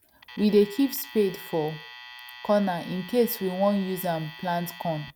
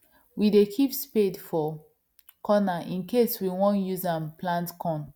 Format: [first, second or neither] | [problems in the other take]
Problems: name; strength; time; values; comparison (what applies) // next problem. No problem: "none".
second | background sound (Alarm); 18 dB below the speech